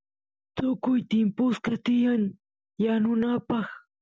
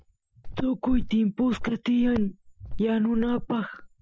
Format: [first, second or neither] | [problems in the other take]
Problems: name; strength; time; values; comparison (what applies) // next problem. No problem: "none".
first | noise reduction (classical method Wiener filter)